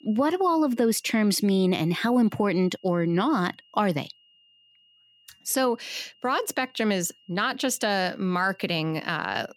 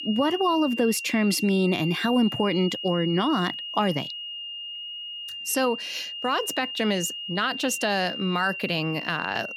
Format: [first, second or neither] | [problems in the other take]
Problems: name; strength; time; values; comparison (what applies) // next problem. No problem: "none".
first | high-pitched whine; loud; throughout; 3 kHz, 7 dB below the speech; faint in the first